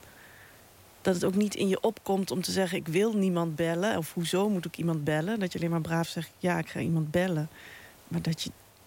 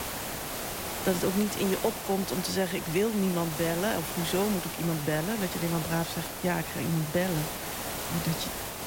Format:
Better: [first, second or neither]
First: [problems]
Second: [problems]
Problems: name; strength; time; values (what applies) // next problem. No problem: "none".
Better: first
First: hiss; faint; throughout; 25 dB below the speech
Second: hiss; loud; throughout; 4 dB below the speech